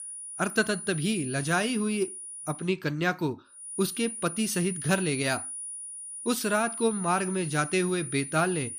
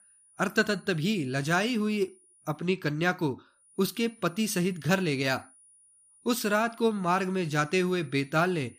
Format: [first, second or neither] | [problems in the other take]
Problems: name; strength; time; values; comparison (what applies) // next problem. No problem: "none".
second | high-pitched whine; loud; until 2.5 s and from 3.5 s on; 9.5 kHz, 8 dB below the speech; faint in the second